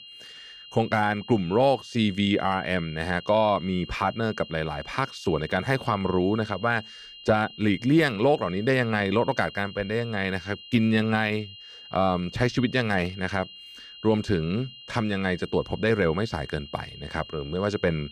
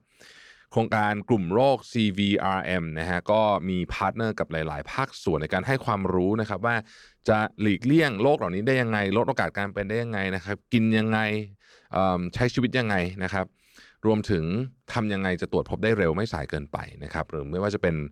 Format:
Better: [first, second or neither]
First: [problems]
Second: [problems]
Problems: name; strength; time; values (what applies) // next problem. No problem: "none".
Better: second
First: high-pitched whine; noticeable; throughout; 3 kHz, 15 dB below the speech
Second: none